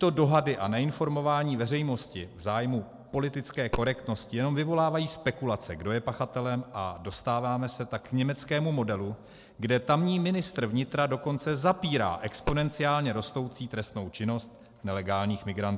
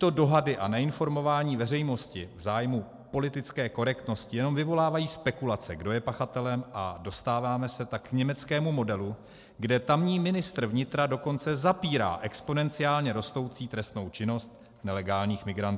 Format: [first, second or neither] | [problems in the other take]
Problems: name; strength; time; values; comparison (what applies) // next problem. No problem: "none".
second | background sound (Coin (dropping)); 11 dB below the speech